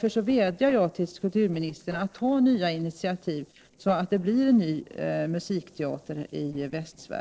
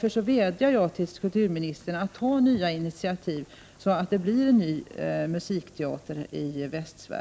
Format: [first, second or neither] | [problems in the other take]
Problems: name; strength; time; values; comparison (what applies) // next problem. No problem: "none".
second | noise reduction (neural separator model SepFormer DNS4)